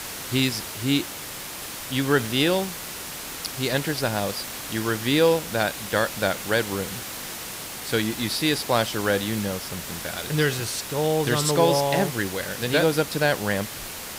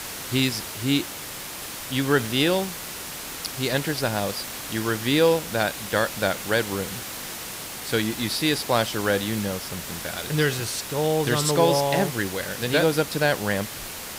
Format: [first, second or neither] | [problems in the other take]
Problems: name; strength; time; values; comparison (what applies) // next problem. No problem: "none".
neither | hiss; loud; throughout; 8 dB below the speech; the same in both